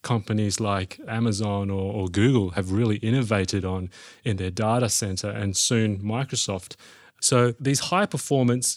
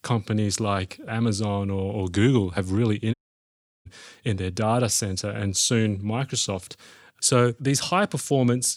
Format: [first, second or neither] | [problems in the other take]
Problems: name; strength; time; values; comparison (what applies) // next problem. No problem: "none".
first | audio cutting out; at 3 s for 0.5 s